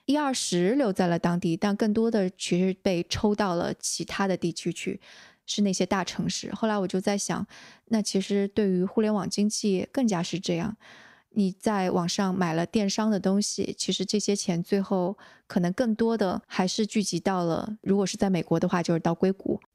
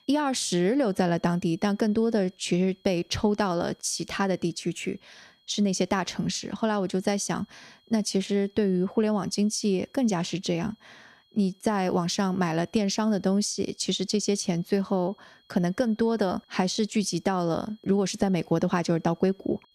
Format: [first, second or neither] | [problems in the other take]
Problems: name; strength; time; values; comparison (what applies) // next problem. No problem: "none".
first | high-pitched whine; faint; throughout; 3.5 kHz, 35 dB below the speech